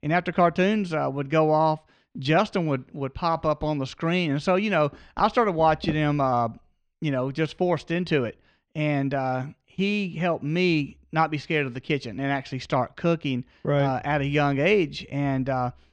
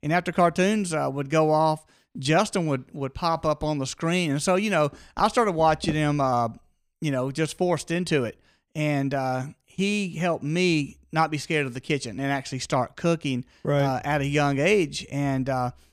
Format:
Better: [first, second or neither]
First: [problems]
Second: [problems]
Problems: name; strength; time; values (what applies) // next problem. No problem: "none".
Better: second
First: muffled; very slightly; fading above 4 kHz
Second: none